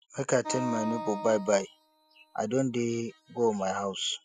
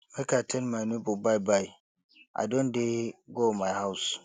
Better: second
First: noise reduction (classical method spectral subtraction)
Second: none

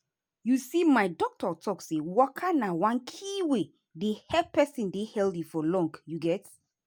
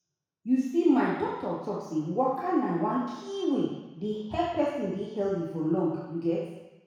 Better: first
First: none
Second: room echo; dies away in 1.1 s

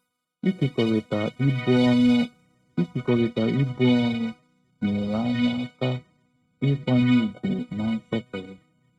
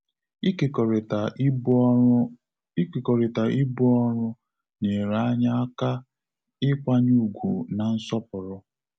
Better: second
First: noise reduction (neural mask model RNNoise)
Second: none

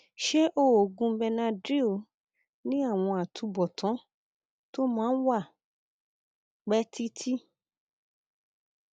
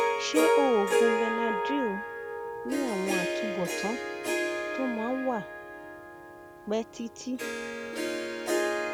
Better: first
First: none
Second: background sound (Harp); 3 dB above the speech

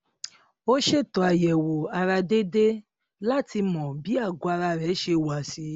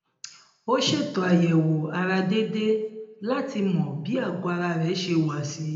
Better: first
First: none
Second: room echo; dies away in 0.7 s

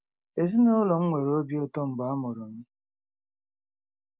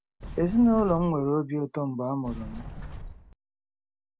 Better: first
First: none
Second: background sound (Sliding door); 11 dB below the speech

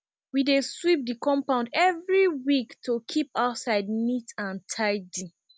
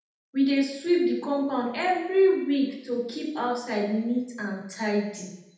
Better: first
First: none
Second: room echo; dies away in 0.8 s

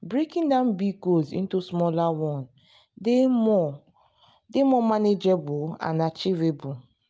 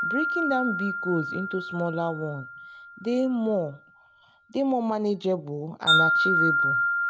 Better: first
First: none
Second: background sound (Wind chime); 1 dB above the speech

